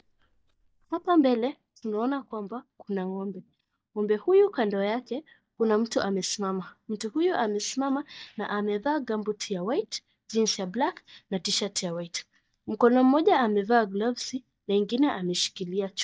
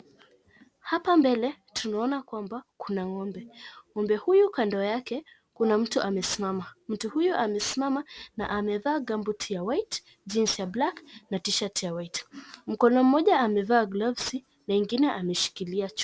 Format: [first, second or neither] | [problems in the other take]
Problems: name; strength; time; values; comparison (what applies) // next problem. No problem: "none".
second | noise reduction (neural mask model DeepFilterNet 3)